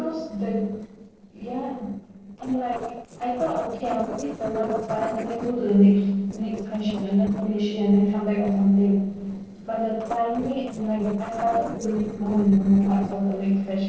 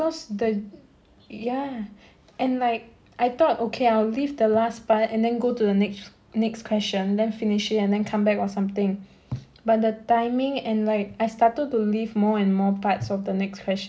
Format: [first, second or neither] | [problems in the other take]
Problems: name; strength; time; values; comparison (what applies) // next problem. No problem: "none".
second | noise reduction (neural separator model SepFormer DNS4)